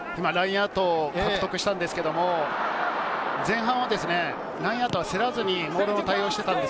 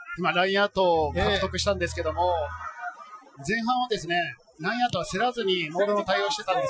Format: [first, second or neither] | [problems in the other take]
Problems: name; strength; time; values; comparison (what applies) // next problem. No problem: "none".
first | noise reduction (classical method Wiener filter)